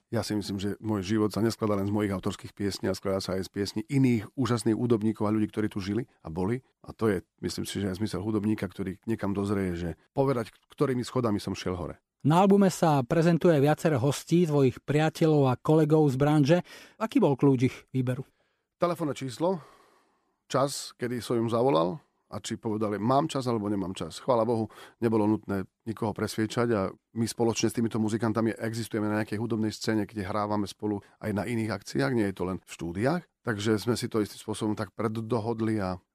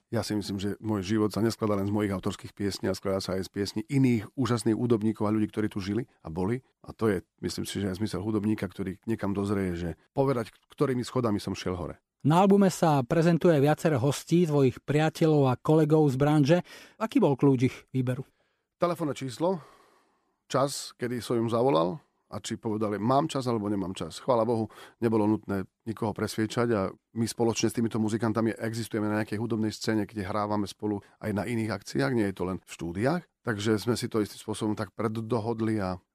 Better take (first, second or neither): neither